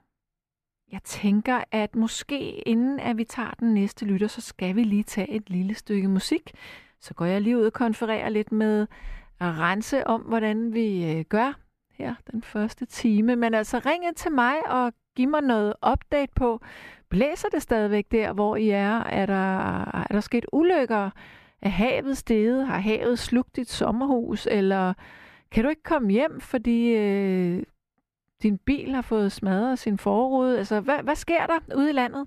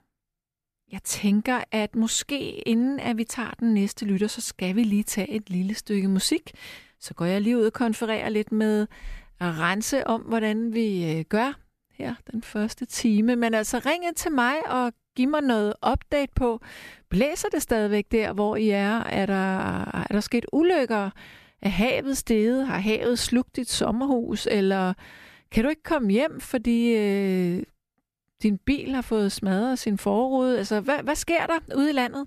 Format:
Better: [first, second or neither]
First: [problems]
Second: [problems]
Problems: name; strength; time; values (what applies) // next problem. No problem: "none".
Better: second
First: muffled; slightly; fading above 3.5 kHz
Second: none